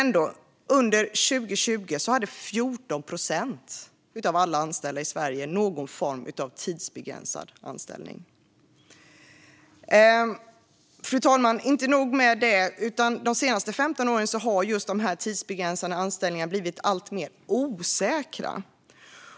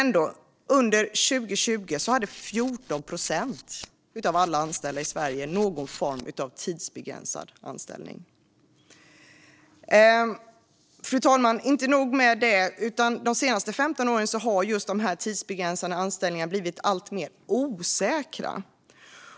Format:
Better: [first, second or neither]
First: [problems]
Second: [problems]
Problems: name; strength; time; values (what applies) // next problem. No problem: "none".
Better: first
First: none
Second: noise reduction (neural separator model SepFormer DNS4)